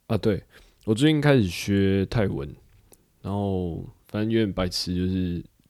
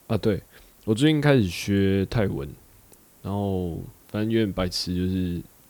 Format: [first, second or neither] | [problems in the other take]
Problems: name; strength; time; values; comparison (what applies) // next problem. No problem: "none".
first | hiss; faint; throughout; 30 dB below the speech